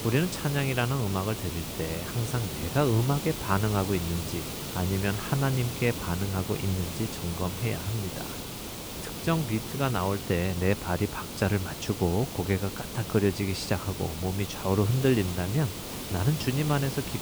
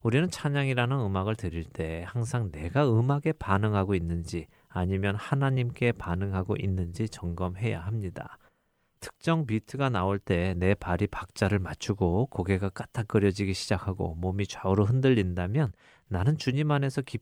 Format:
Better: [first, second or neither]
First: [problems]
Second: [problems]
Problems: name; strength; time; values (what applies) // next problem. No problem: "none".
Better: second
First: hiss; loud; throughout; 6 dB below the speech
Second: none